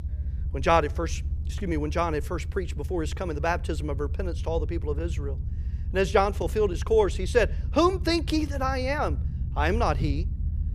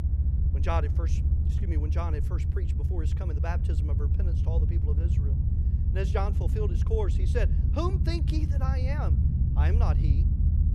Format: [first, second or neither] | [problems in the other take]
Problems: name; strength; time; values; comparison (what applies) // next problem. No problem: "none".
first | low rumble; loud; throughout; 5 dB below the speech; faint in the first